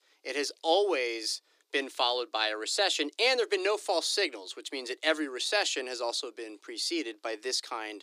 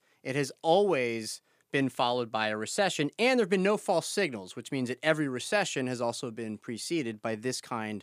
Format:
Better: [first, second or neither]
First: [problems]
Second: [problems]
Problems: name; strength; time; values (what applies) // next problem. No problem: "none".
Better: second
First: thin; somewhat; fading below 300 Hz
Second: none